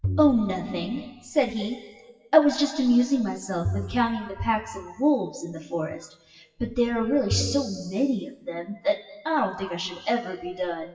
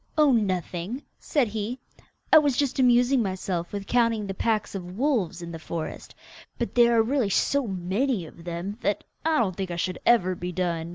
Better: second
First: noise reduction (classical method WPE with log-MMSE)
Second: none

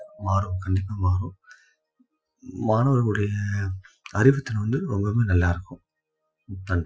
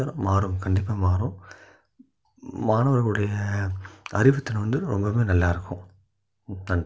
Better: second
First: noise reduction (classical method Wiener filter)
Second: none

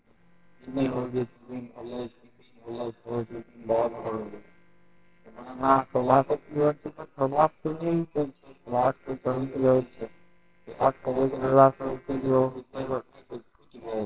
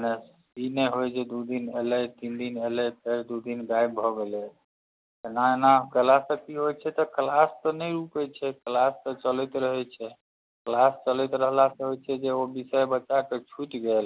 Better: second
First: noise reduction (neural separator model SepFormer WHAMR!)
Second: none

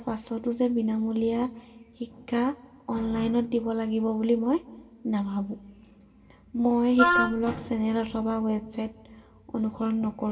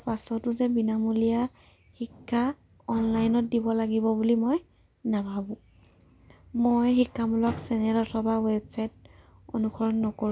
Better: second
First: background sound (Wind instrument, woodwind instrument); 2 dB above the speech // room echo; dies away in 1.2 s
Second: none

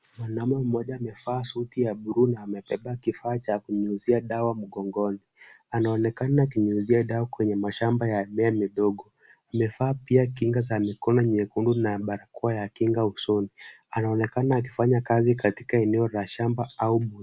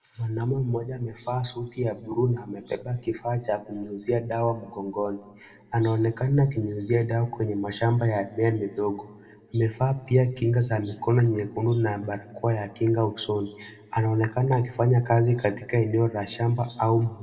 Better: first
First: none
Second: room echo; dies away in 1.3 s

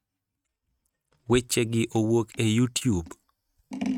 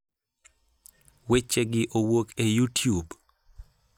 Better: second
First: noise reduction (neural mask model RNNoise)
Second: none

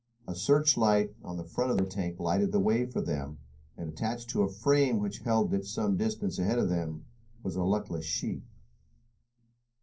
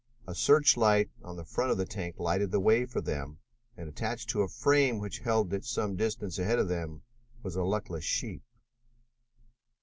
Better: second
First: noise reduction (neural separator model SepFormer DNS4)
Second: none

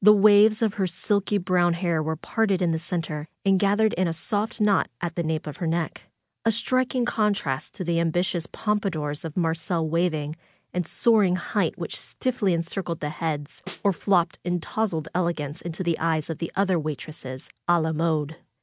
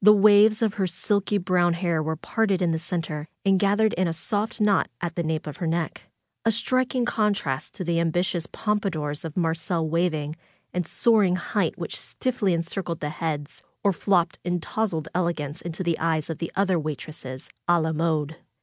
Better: second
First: background sound (Snare drum); 14 dB below the speech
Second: none

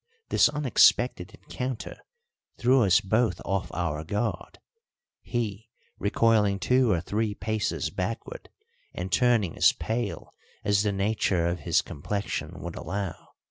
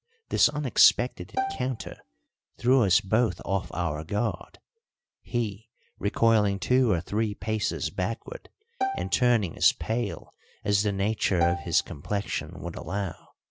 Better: first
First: none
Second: background sound (Bowed string instrument); 6 dB below the speech

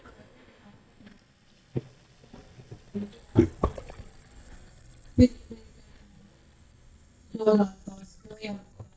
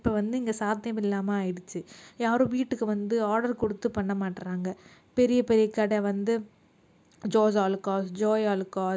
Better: second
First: noise reduction (neural mask model DeepFilterNet 3)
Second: none

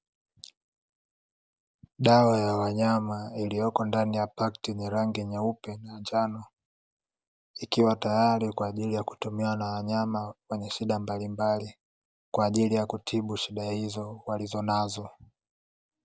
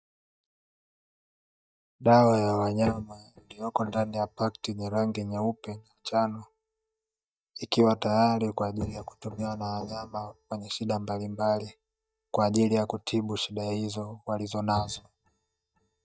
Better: first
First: none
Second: noise reduction (neural mask model DeepFilterNet 3)

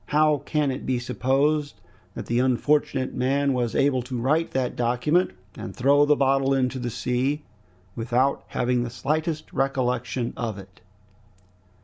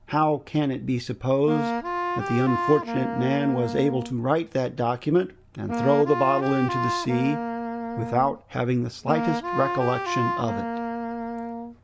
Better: first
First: none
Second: background sound (Wind instrument, woodwind instrument); 4 dB below the speech

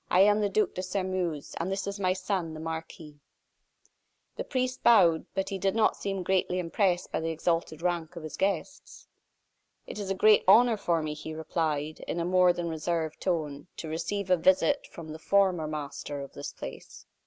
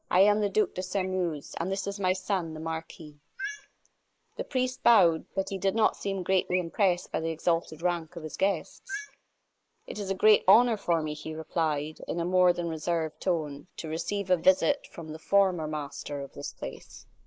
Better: first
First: none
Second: noise reduction (neural mask model Resemble Enhance denoiser)

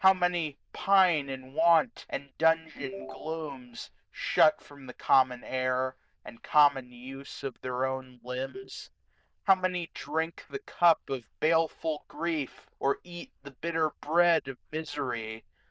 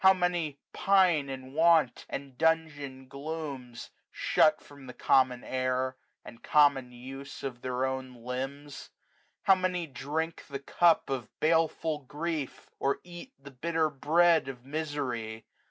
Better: second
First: noise reduction (neural diffusion model UNIVERSE++)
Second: none

